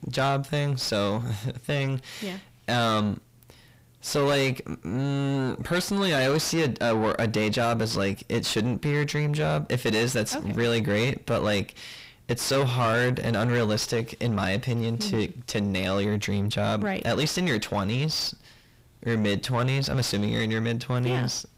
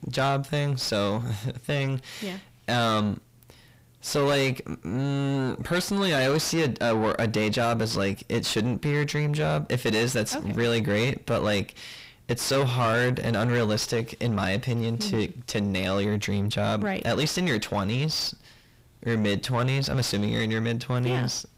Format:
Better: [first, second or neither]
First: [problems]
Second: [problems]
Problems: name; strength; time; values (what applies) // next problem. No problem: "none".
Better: neither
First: distortion; heavy; 5 dB below the speech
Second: distortion; heavy; 5 dB below the speech